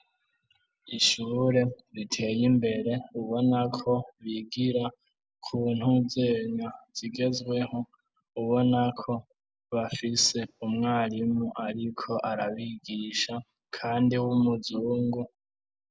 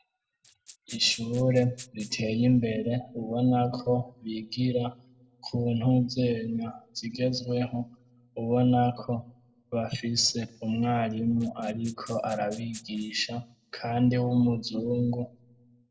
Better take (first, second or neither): first